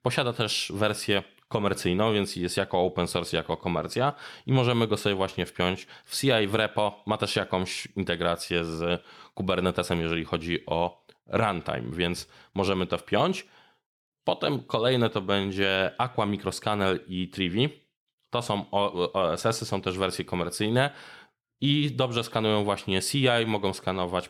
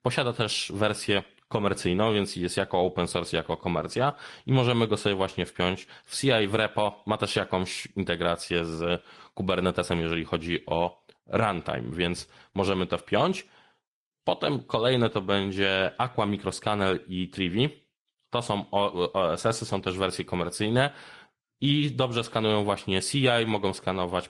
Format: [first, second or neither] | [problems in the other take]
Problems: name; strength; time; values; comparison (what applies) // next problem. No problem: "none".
first | garbled, watery; slightly; nothing above 10.5 kHz